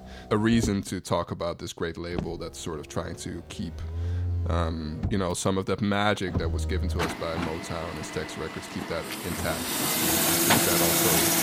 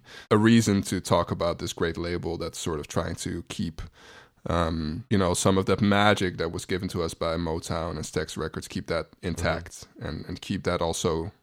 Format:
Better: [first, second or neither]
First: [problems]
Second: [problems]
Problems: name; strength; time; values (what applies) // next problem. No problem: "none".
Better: second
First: traffic noise; very loud; throughout; 4 dB above the speech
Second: none